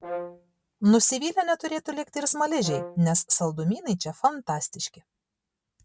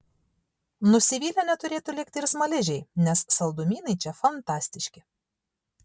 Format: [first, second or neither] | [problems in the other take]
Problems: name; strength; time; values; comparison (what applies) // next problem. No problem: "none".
second | background sound (Brass instrument); 12 dB below the speech